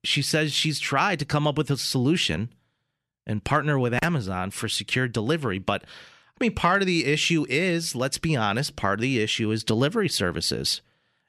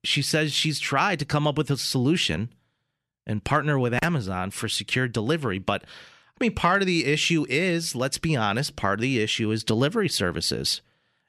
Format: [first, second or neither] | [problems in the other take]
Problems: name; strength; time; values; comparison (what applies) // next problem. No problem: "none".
neither | none